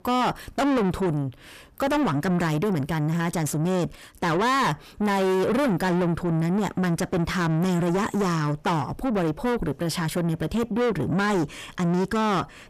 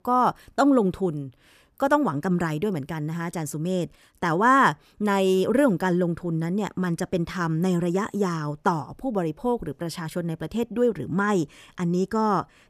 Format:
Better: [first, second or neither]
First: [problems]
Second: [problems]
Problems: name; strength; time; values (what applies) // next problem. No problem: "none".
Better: second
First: distortion; heavy; 6 dB below the speech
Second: none